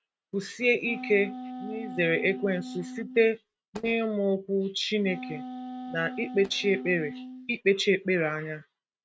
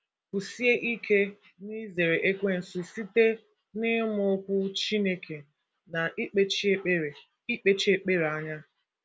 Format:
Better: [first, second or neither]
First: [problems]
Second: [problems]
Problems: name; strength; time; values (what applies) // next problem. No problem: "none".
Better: second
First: noise reduction (neural mask model RNNoise)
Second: none